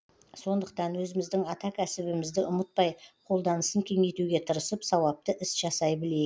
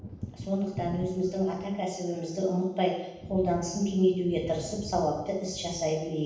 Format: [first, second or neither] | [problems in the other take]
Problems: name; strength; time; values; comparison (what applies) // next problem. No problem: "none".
first | background sound (Thunder); 13 dB below the speech // room echo; dies away in 0.9 s